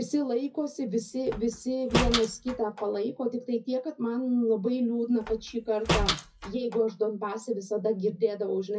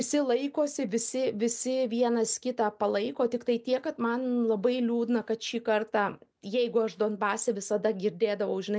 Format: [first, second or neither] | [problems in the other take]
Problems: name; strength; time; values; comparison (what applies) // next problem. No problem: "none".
second | noise reduction (classical method WPE with log-MMSE)